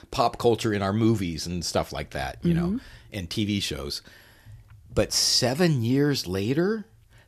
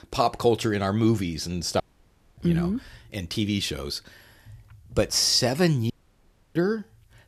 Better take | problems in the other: first | audio cutting out; at 2 s for 0.5 s and at 6 s for 0.5 s

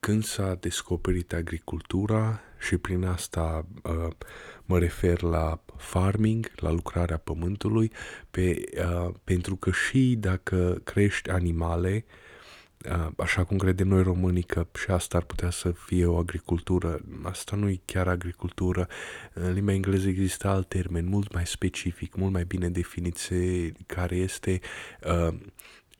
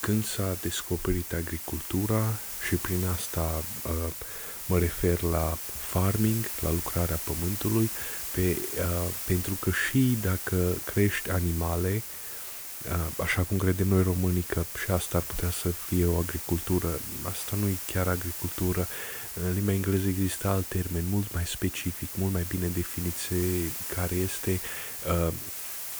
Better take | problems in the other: first | hiss; loud; throughout; 3 dB below the speech

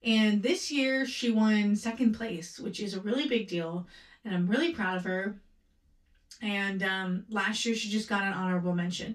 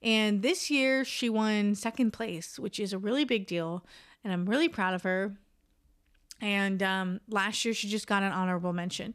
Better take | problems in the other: second | room echo; very slight; dies away in 0.2 s // off-mic speech; far

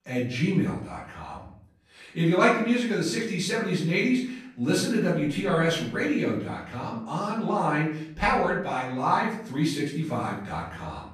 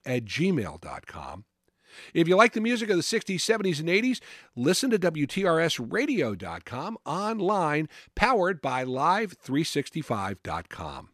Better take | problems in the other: second | off-mic speech; far // room echo; noticeable; dies away in 0.6 s

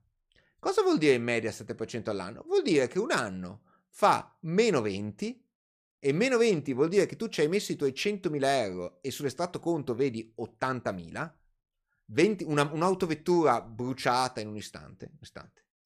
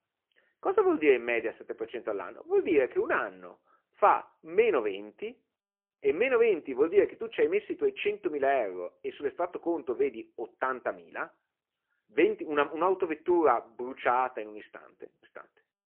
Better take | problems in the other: first | phone-call audio; poor line

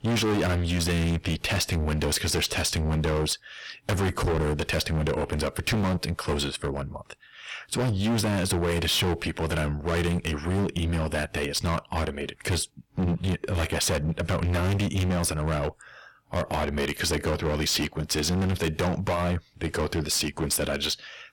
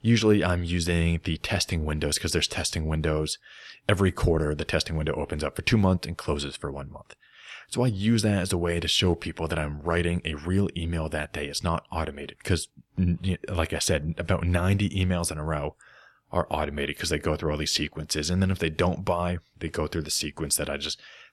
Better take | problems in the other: second | distortion; heavy; 23% of the sound clipped

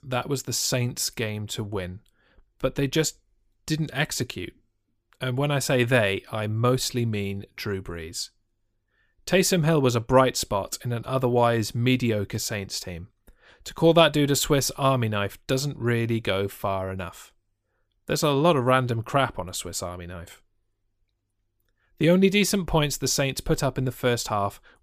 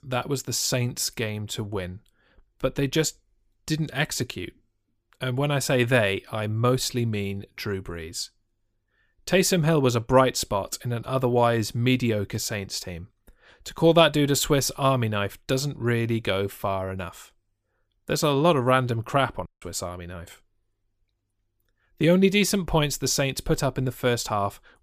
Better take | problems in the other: first | audio cutting out; at 19 s

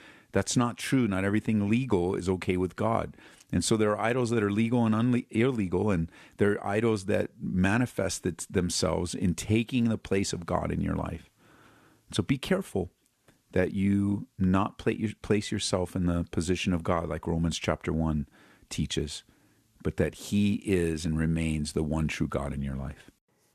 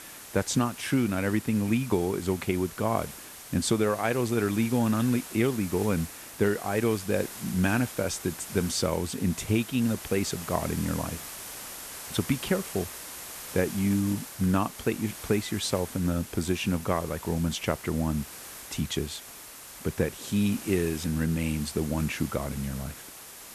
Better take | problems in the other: first | hiss; noticeable; throughout; 10 dB below the speech

